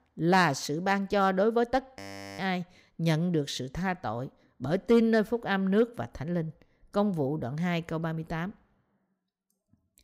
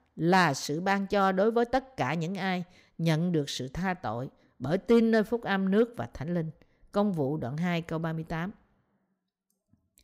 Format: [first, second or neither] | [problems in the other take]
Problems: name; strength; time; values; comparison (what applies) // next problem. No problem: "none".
second | audio freezing; at 2 s